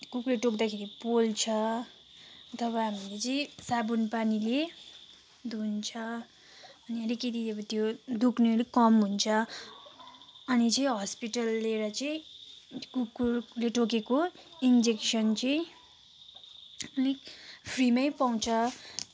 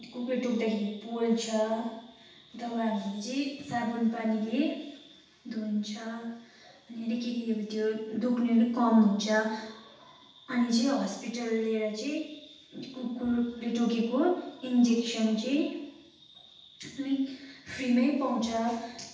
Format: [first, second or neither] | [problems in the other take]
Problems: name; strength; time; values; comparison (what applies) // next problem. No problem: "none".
first | room echo; dies away in 0.9 s